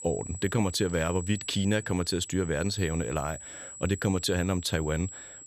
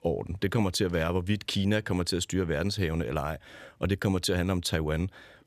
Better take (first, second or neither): second